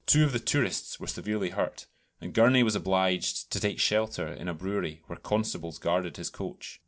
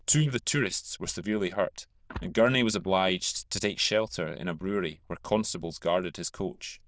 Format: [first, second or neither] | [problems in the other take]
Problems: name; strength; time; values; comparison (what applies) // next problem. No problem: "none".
first | noise reduction (neural diffusion model UNIVERSE++)